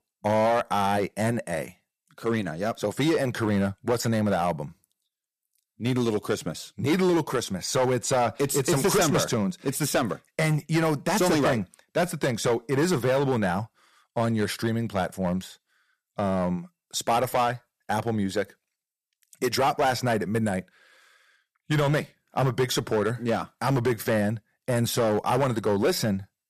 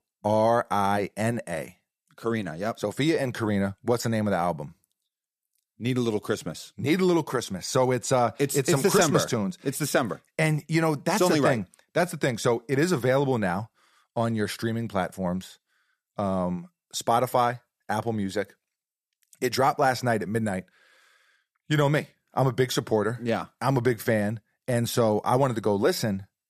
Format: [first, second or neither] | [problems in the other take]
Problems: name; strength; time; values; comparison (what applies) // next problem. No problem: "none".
second | distortion; slight; 7% of the sound clipped